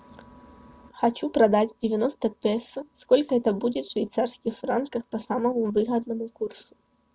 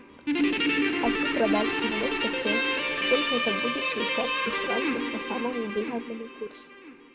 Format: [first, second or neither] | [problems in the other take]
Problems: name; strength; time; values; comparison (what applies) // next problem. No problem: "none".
first | background sound (Guitar); 4 dB above the speech